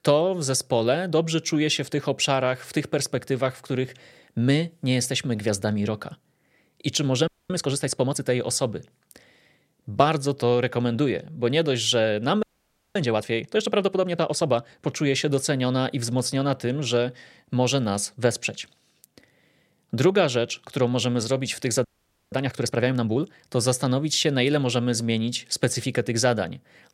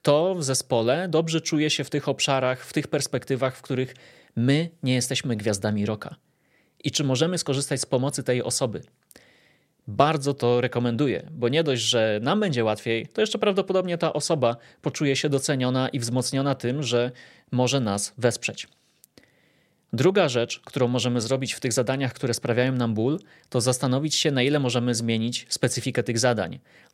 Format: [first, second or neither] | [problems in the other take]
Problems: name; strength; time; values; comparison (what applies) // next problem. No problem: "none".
second | audio freezing; at 7.5 s, at 12 s for 0.5 s and at 22 s